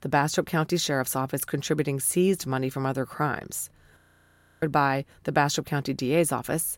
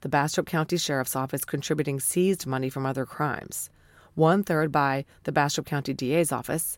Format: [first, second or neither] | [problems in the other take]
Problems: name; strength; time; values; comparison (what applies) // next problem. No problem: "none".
second | audio freezing; at 4 s for 0.5 s